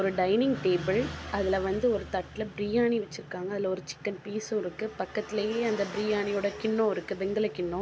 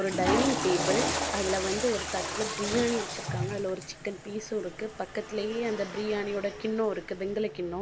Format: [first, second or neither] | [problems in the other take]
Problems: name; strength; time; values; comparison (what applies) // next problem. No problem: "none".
first | background sound (Toilet flush / Water); 3 dB below the speech